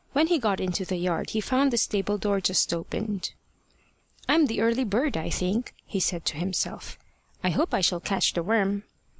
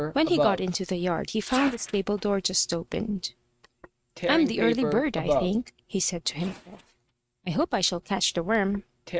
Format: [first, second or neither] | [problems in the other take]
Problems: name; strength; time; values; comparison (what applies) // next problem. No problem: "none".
first | noise reduction (neural mask model RNNoise)